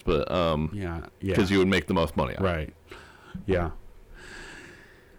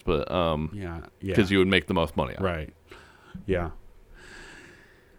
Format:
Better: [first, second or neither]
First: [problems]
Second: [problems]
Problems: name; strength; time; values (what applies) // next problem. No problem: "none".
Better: second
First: distortion; slight; 10 dB below the speech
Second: none